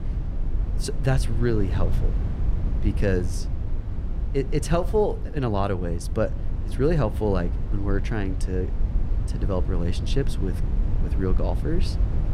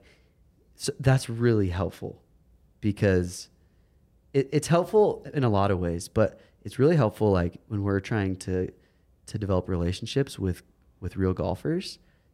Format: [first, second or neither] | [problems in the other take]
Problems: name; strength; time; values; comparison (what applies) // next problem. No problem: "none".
second | low rumble; noticeable; throughout; 15 dB below the speech